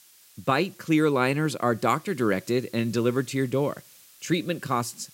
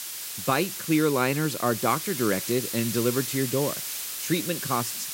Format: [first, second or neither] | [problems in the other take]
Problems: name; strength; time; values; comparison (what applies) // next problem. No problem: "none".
first | hiss; loud; throughout; 4 dB below the speech; faint in the first